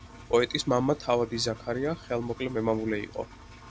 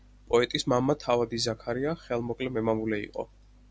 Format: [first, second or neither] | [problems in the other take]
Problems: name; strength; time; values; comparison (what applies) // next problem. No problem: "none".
second | background sound (Engine); 20 dB below the speech